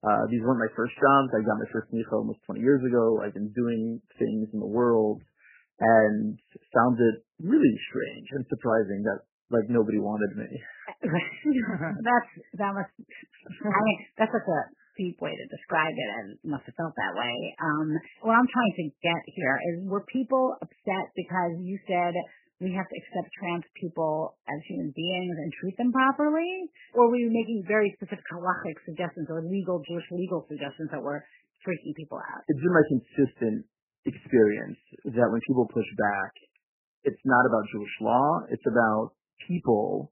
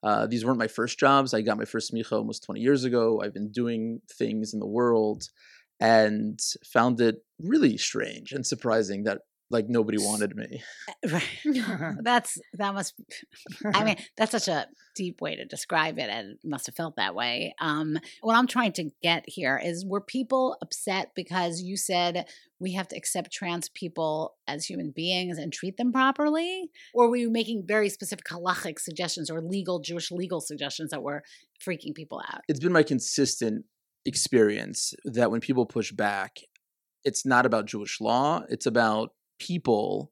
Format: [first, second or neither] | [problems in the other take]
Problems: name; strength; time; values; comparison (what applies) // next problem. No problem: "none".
second | garbled, watery; badly; nothing above 3 kHz